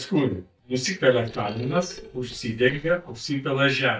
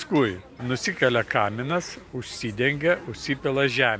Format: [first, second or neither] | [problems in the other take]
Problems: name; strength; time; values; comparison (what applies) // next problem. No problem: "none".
second | noise reduction (neural mask model DeepFilterNet 3)